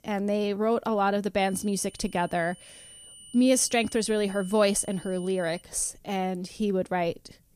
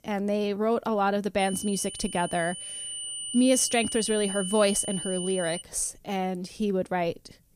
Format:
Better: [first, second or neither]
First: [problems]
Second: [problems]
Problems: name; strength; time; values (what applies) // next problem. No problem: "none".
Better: first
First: high-pitched whine; faint; from 1.5 to 5.5 s; 9.5 kHz, 20 dB below the speech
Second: high-pitched whine; loud; from 1.5 to 5.5 s; 9.5 kHz, 7 dB below the speech